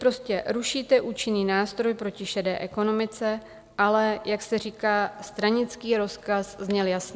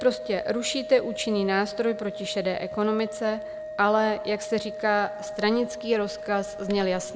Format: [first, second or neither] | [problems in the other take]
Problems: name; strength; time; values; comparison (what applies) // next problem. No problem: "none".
first | background sound (Organ); 10 dB below the speech